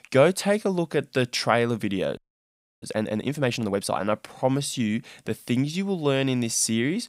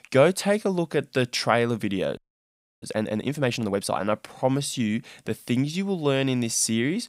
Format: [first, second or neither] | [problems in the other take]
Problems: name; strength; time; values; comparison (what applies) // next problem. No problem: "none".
neither | audio freezing; at 2 s for 0.5 s; the same in both